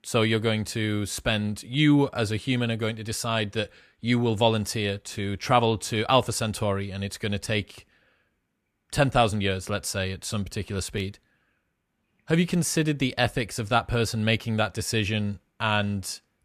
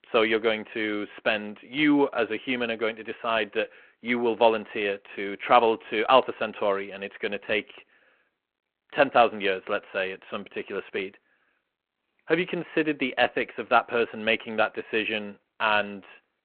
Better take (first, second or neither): first